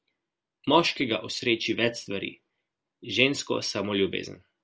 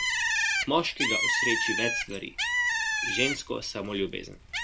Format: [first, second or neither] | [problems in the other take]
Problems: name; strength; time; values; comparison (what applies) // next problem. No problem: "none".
first | background sound (Bird); 3 dB above the speech